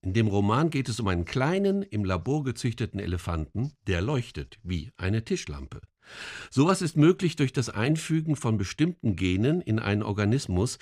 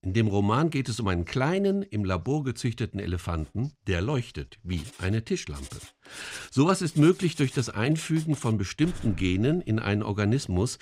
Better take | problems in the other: first | household noises; noticeable; from 4 s on; 20 dB below the speech

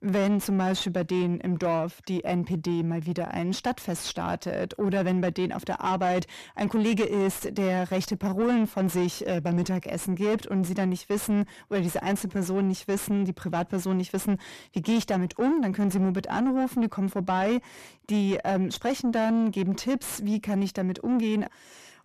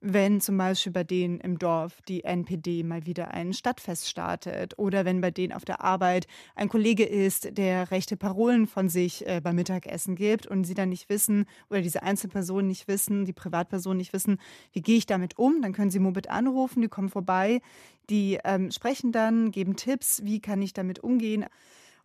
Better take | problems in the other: second | distortion; slight; 10 dB below the speech

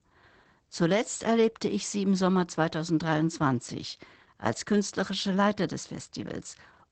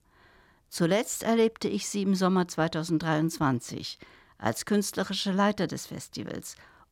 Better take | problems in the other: second | garbled, watery; badly; nothing above 8 kHz

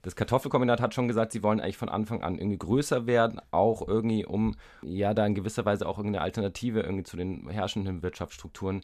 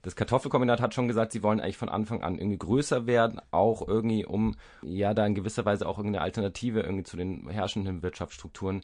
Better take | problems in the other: first | garbled, watery; slightly; nothing above 9.5 kHz

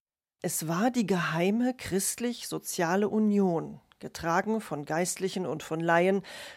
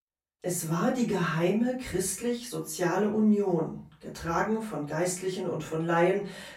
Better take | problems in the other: first | off-mic speech; far // room echo; slight; dies away in 0.3 s

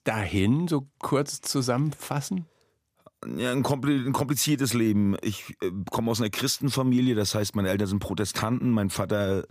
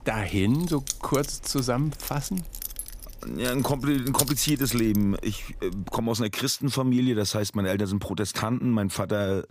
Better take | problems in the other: first | jangling keys; loud; until 6 s; peak level with the speech

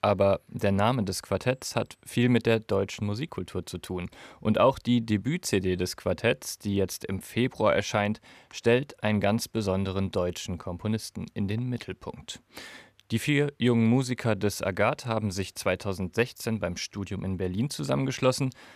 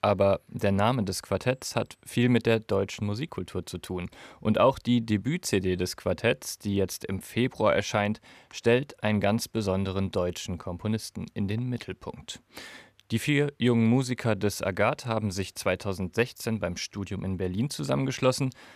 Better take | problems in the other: neither | none

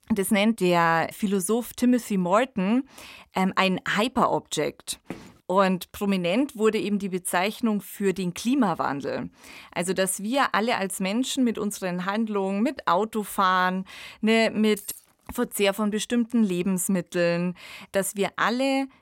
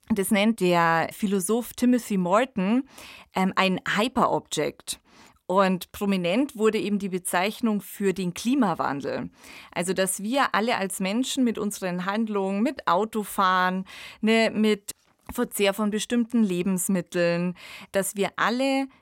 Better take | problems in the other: second | footsteps; faint; at 5 s; peak 15 dB below the speech // jangling keys; faint; at 15 s; peak 15 dB below the speech

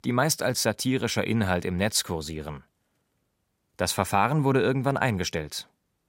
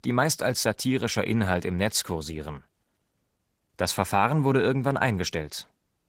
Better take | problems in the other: first | garbled, watery; slightly; nothing above 16 kHz

